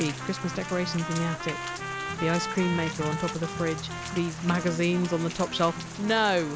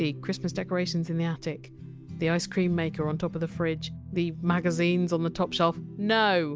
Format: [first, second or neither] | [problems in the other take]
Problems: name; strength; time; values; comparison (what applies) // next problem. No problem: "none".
second | background sound (Rain + Trumpet); 8 dB below the speech